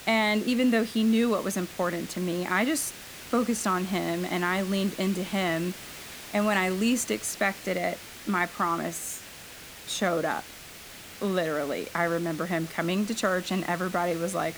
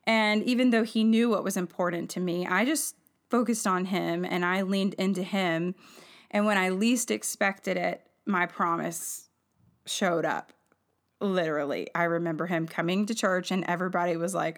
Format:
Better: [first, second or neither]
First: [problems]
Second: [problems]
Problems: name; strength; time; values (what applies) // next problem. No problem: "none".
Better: second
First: hiss; noticeable; throughout; 15 dB below the speech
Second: none